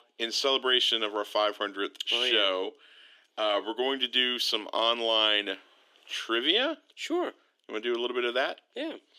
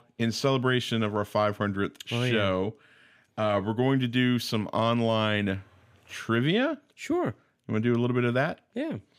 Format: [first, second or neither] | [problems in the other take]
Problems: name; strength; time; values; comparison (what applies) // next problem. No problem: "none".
second | thin; very; fading below 300 Hz